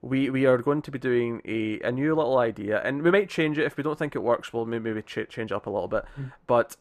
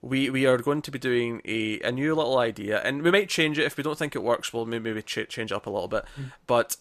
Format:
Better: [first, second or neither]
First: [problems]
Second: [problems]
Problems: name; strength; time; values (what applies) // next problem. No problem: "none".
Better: second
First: muffled; slightly; fading above 2.5 kHz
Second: none